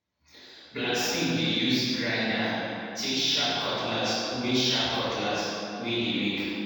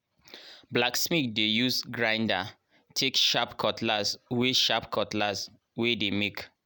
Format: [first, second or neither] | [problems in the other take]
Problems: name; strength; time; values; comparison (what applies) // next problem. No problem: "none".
second | room echo; dies away in 2.1 s